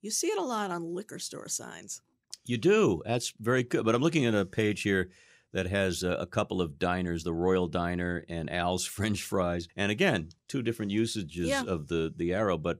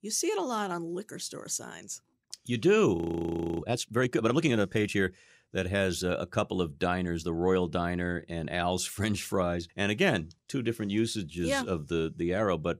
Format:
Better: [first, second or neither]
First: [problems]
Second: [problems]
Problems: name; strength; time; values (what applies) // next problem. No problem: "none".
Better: first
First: none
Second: audio freezing; at 3 s for 0.5 s